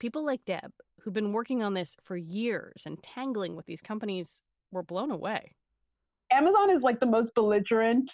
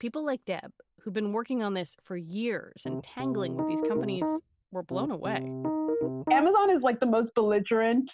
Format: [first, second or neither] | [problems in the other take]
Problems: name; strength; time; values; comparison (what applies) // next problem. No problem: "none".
first | background sound (Piano); 3 dB below the speech